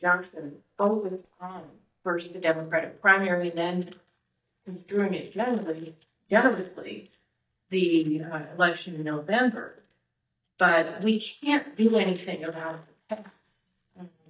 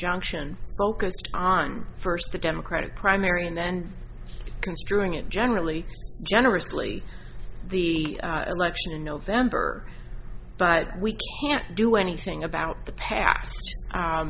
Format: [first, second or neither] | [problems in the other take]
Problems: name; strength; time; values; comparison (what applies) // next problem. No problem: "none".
second | noise reduction (neural mask model DeepFilterNet 3)